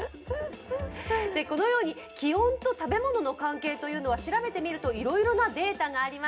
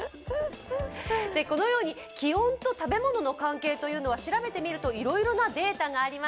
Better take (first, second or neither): second